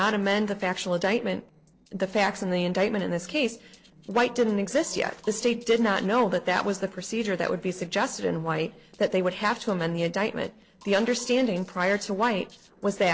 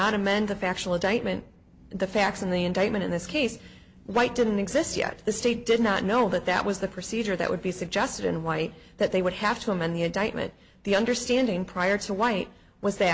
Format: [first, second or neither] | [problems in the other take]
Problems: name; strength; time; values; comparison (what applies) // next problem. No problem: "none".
second | noise reduction (neural separator model SepFormer DNS4)